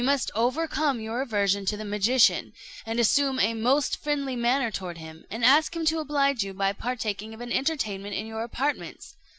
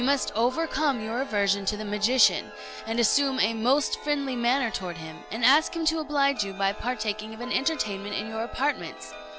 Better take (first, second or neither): first